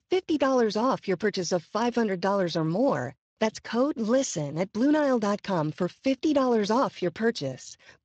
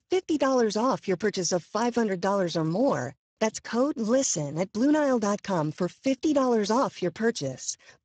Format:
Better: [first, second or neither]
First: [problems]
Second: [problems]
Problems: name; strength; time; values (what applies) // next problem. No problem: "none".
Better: first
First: garbled, watery; slightly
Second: garbled, watery; badly